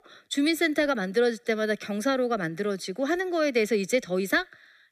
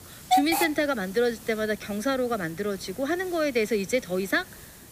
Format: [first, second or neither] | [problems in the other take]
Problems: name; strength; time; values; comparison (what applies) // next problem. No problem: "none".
first | hiss; loud; throughout; as loud as the speech